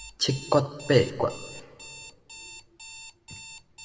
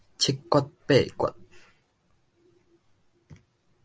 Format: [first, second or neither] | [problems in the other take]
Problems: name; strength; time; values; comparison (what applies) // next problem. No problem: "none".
second | background sound (Alarm); 16 dB below the speech // room echo; dies away in 1.6 s